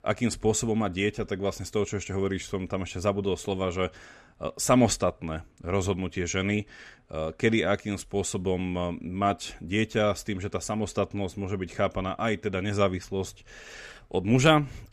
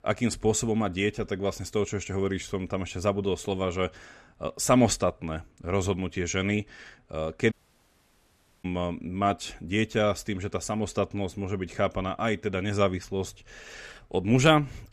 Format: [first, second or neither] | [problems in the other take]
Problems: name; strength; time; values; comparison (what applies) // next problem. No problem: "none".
first | audio cutting out; at 7.5 s for 1 s